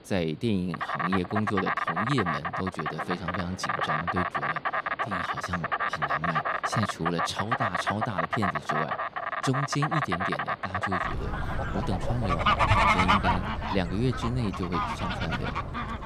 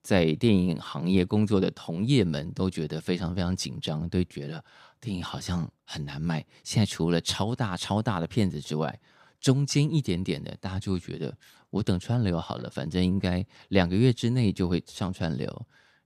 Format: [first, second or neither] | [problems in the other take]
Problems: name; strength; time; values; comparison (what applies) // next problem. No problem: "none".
second | animal sounds; very loud; throughout; 4 dB above the speech